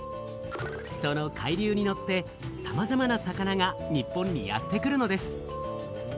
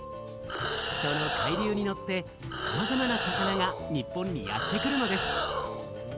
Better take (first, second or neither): first